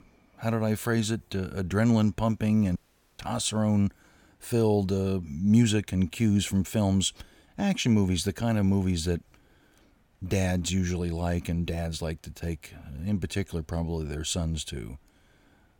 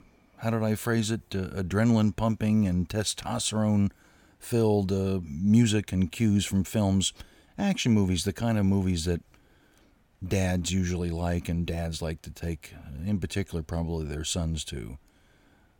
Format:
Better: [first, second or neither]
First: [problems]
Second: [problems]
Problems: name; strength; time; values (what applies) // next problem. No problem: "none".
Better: second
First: audio cutting out; at 3 s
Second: none